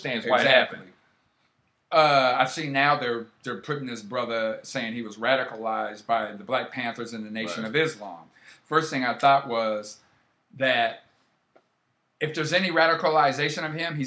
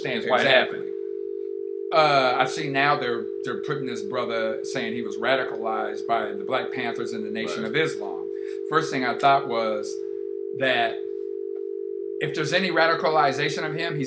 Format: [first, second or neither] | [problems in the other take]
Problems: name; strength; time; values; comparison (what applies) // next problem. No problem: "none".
first | background sound (Telephone); 5 dB below the speech